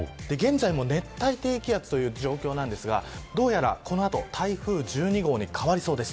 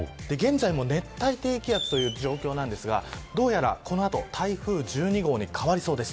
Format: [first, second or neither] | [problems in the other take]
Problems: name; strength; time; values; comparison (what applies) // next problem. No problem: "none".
first | background sound (Fireworks); 12 dB below the speech